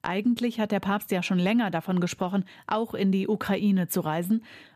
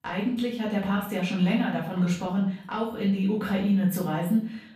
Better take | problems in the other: first | off-mic speech; far // room echo; noticeable; dies away in 0.5 s

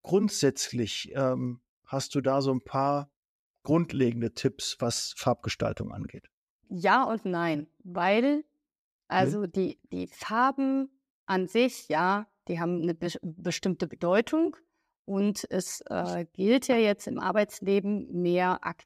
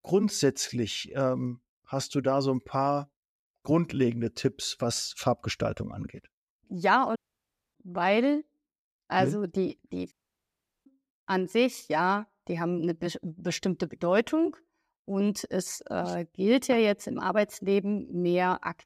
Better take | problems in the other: first | audio cutting out; at 7 s for 0.5 s and at 10 s for 0.5 s

